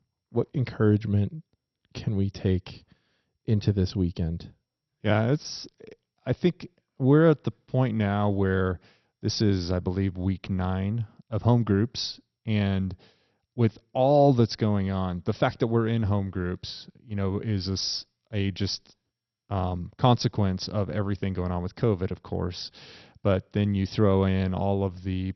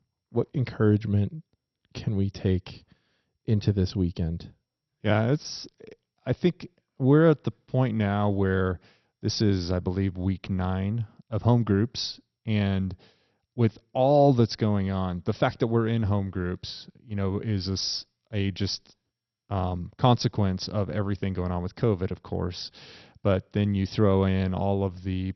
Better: neither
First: garbled, watery; slightly; nothing above 6 kHz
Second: garbled, watery; slightly; nothing above 6 kHz

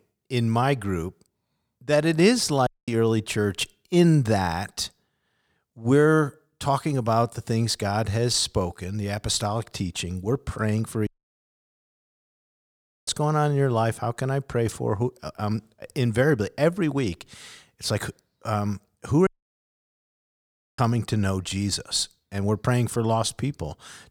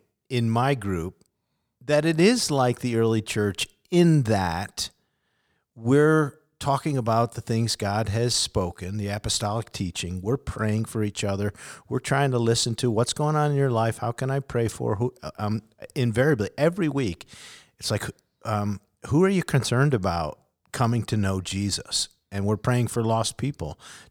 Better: second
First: audio cutting out; at 2.5 s, at 11 s for 2 s and at 19 s for 1.5 s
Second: none

